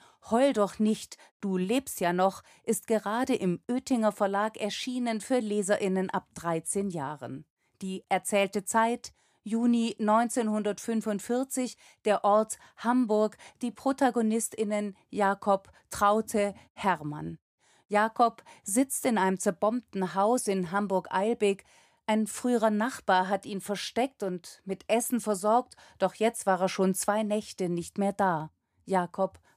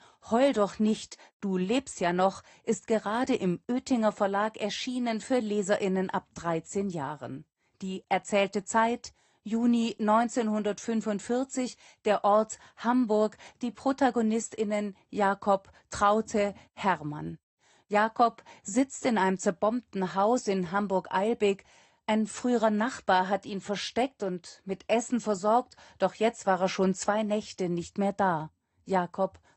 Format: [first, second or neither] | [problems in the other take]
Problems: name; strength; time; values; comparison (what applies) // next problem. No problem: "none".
first | garbled, watery; slightly; nothing above 8 kHz